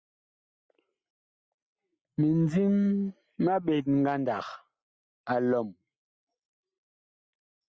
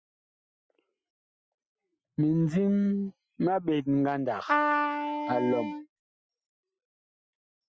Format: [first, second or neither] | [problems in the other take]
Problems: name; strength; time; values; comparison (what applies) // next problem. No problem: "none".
first | noise reduction (classical method Wiener filter)